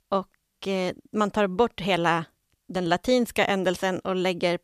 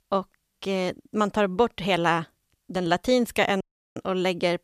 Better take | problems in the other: first | audio cutting out; at 3.5 s

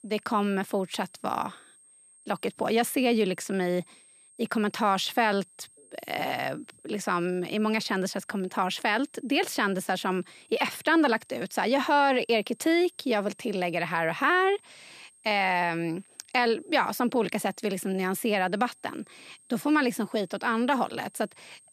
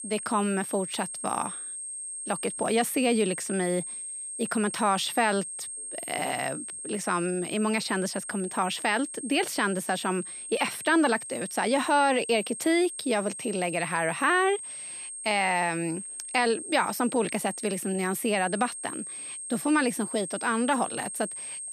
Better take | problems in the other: first | high-pitched whine; loud; throughout; 8.5 kHz, 8 dB below the speech; faint in the first

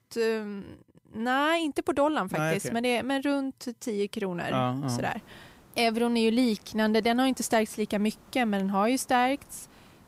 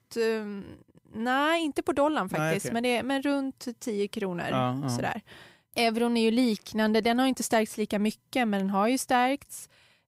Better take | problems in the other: second | hiss; faint; from 5 s on; 30 dB below the speech

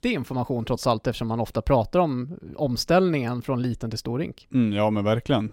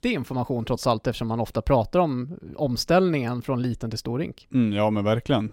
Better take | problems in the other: neither | none

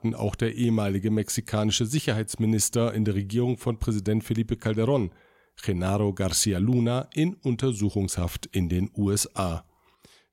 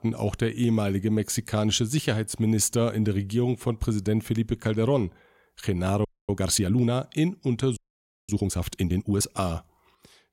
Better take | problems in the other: first | audio freezing; at 6 s and at 8 s for 0.5 s

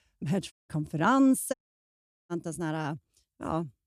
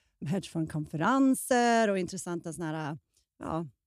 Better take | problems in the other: second | audio cutting out; at 0.5 s and at 1.5 s for 1 s

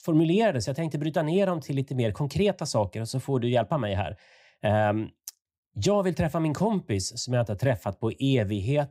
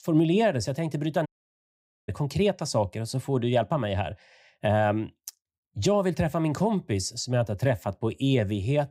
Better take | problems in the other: first | audio cutting out; at 1.5 s for 1 s

